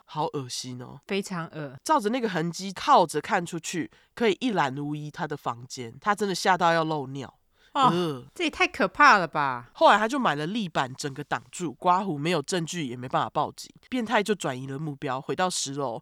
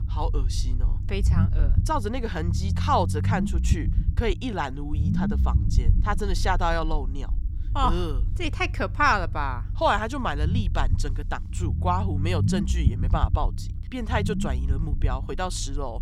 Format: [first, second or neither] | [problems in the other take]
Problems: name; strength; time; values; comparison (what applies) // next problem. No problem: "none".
first | low rumble; noticeable; throughout; 15 dB below the speech